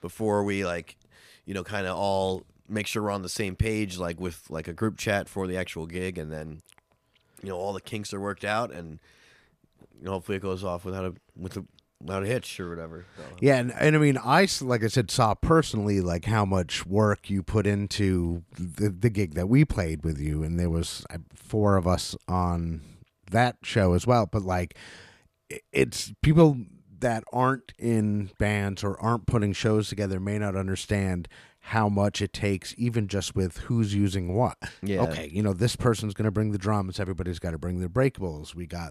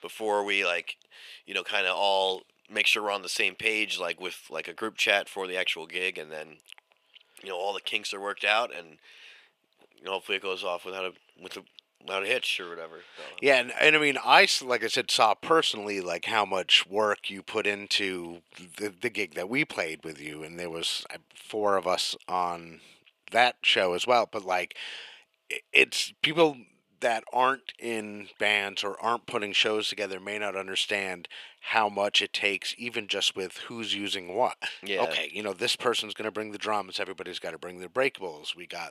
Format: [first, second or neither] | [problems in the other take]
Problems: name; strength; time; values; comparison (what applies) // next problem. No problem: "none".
first | thin; very; fading below 500 Hz